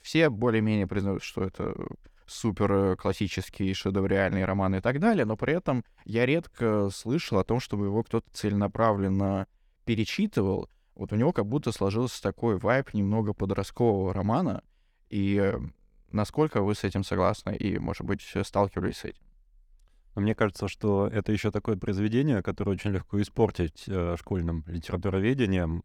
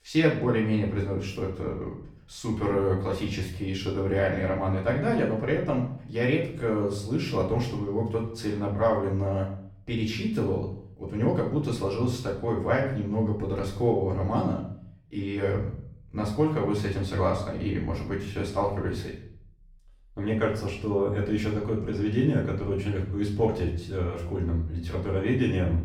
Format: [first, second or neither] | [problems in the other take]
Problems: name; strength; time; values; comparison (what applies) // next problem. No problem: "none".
first | off-mic speech; far // room echo; noticeable; dies away in 0.6 s